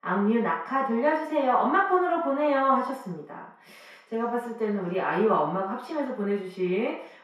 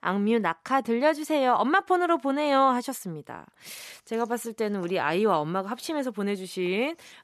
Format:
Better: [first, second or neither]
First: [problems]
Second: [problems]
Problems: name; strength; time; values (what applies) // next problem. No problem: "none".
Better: second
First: room echo; noticeable; dies away in 0.6 s // off-mic speech; far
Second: none